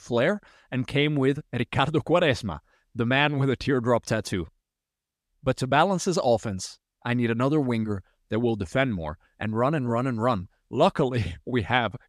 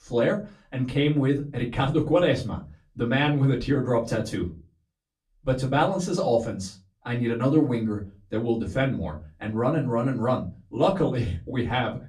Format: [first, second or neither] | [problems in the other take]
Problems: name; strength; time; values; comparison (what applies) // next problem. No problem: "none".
first | off-mic speech; far // room echo; very slight; dies away in 0.3 s